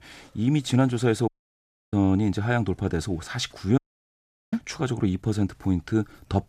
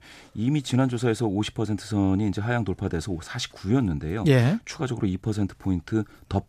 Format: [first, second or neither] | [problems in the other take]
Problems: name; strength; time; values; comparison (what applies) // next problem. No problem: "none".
second | audio cutting out; at 1.5 s for 0.5 s and at 4 s for 0.5 s